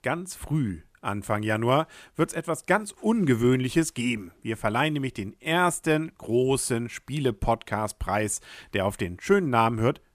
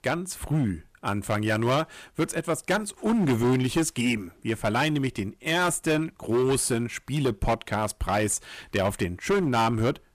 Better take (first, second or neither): first